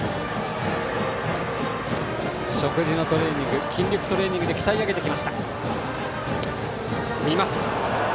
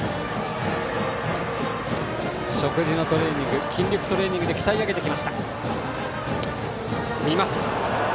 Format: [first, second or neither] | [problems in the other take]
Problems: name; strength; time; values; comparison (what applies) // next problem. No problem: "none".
second | background sound (Race car, auto racing / Accelerating, revving, vroom); 16 dB below the speech